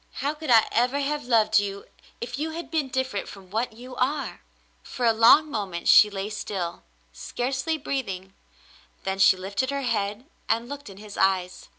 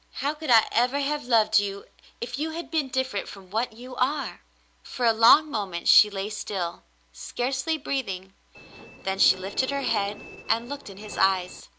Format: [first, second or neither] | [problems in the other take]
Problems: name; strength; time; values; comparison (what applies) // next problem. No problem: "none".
first | background sound (Train); 16 dB below the speech